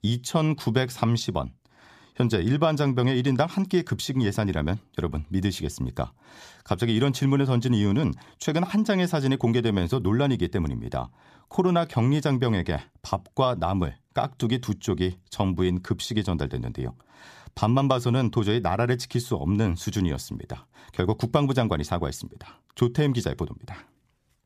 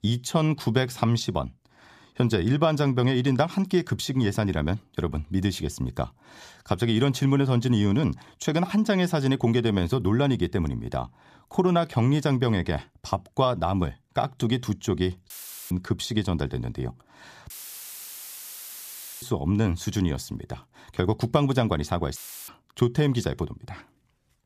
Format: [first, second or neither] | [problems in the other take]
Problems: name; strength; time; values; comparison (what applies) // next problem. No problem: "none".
first | audio cutting out; filled with static; at 15 s, at 18 s for 1.5 s and at 22 s